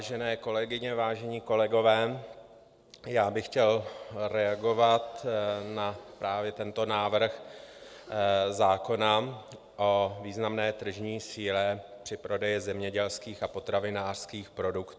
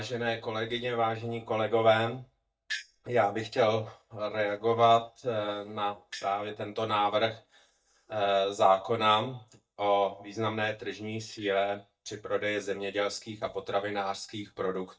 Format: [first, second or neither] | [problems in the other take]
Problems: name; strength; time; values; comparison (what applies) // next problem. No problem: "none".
first | noise reduction (neural mask model DeepFilterNet 3)